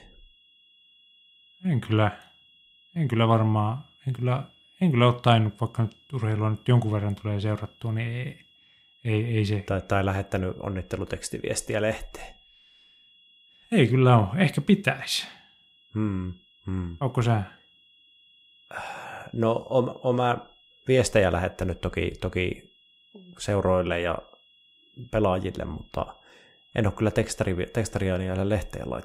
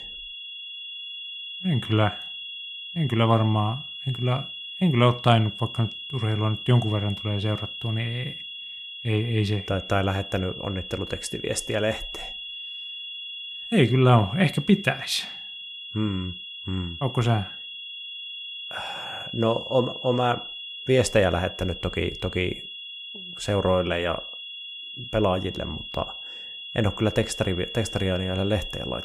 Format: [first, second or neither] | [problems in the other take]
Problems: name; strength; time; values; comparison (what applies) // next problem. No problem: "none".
first | high-pitched whine; loud; throughout; 3.5 kHz, 9 dB below the speech; faint in the first